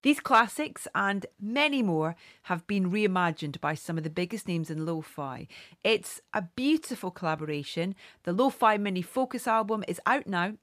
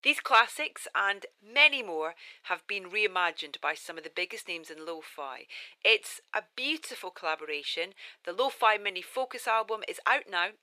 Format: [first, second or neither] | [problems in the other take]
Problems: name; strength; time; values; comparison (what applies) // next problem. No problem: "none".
first | thin; very; fading below 450 Hz